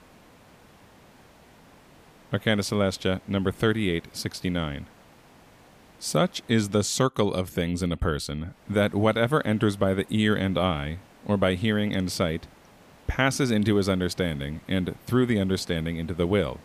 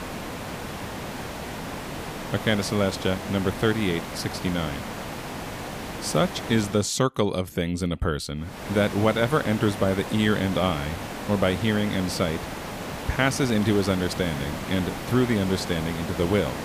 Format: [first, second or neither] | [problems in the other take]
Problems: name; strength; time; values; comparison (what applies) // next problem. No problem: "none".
first | hiss; loud; until 7 s and from 8.5 s on; 8 dB below the speech; faint in the first